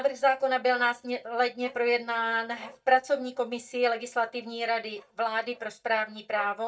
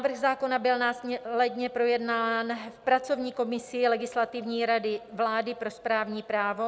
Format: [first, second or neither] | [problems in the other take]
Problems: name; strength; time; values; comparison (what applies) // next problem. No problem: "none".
second | noise reduction (neural mask model DeepFilterNet 3)